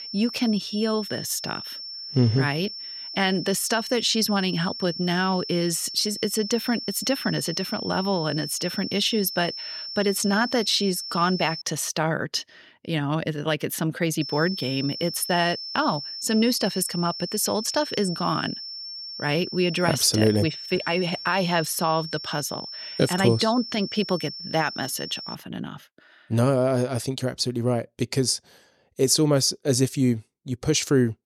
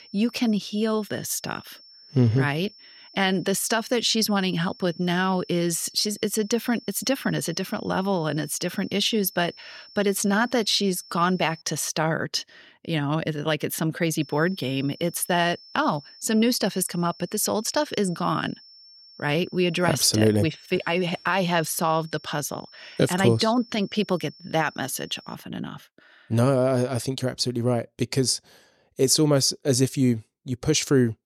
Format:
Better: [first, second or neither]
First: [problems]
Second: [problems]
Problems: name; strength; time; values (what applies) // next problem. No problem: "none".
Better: second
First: high-pitched whine; loud; until 12 s and from 14 to 25 s; 5.5 kHz, 8 dB below the speech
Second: high-pitched whine; faint; until 12 s and from 14 to 25 s; 5.5 kHz, 20 dB below the speech